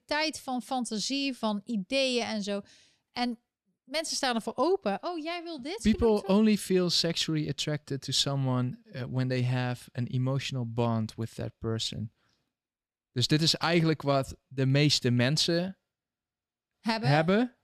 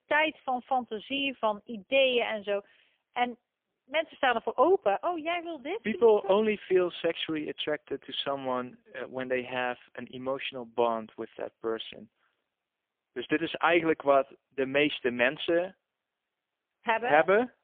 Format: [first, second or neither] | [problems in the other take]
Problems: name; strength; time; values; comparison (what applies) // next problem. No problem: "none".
first | phone-call audio; poor line; nothing above 3.5 kHz